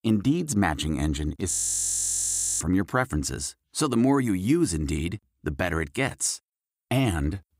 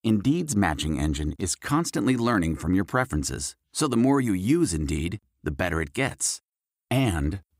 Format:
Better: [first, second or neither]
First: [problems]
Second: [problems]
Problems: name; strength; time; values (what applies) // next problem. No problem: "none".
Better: second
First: audio freezing; at 1.5 s for 1 s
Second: none